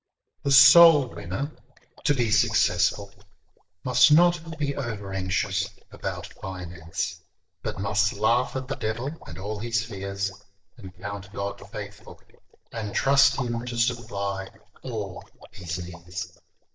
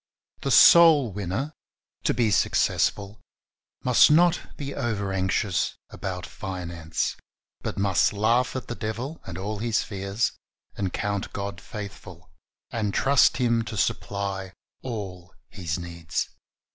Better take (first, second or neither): second